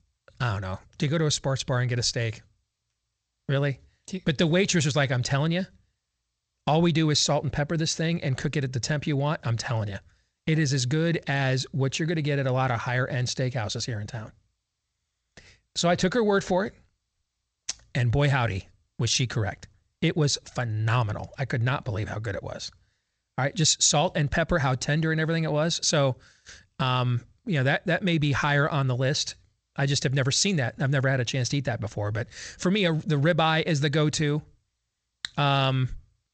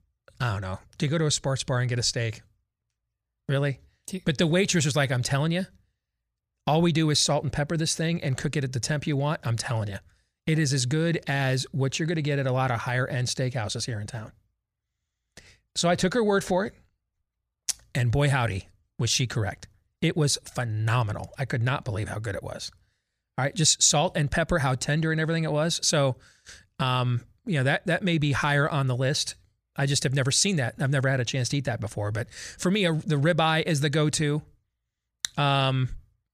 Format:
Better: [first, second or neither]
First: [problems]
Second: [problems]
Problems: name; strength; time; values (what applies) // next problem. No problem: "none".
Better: second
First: garbled, watery; slightly; nothing above 7.5 kHz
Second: none